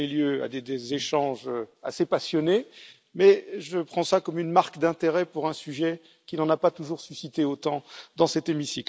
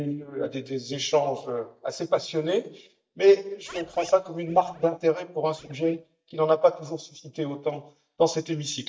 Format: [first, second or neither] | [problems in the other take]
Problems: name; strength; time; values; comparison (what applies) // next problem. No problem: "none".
first | noise reduction (neural mask model DeepFilterNet 3)